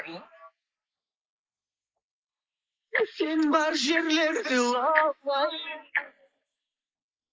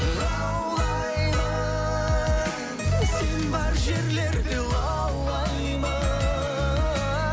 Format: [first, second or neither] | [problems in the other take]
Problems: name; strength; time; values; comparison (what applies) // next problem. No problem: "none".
second | noise reduction (neural mask model Resemble Enhance denoiser)